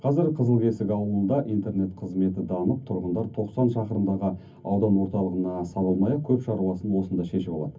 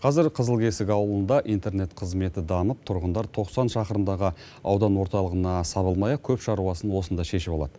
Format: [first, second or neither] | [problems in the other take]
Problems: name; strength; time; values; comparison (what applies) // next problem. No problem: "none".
second | room echo; dies away in 0.3 s